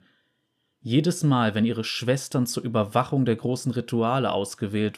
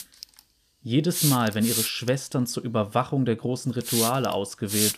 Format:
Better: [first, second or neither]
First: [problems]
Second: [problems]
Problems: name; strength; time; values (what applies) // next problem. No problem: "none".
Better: first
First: none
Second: hiss; loud; throughout; 1 dB below the speech